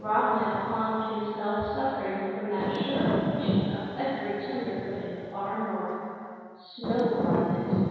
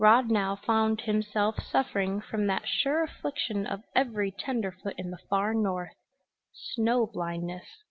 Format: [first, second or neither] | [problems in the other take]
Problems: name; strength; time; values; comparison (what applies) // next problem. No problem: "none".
second | background sound (Thunder / Rain); 2 dB below the speech // room echo; dies away in 2.2 s